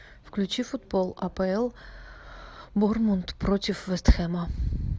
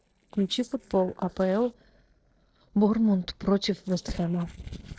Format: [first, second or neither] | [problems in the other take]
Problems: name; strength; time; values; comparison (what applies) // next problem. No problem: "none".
first | noise reduction (neural separator model SepFormer DNS4)